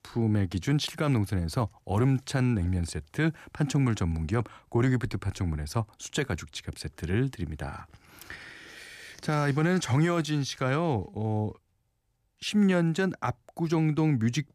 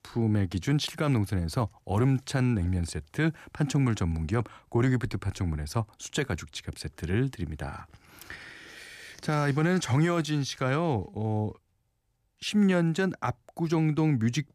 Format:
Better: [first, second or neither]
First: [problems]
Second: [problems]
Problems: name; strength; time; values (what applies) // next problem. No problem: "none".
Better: neither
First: none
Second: none